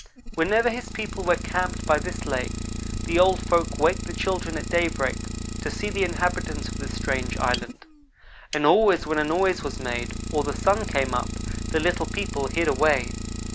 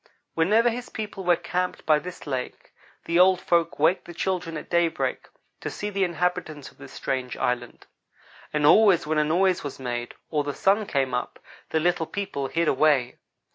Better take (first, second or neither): second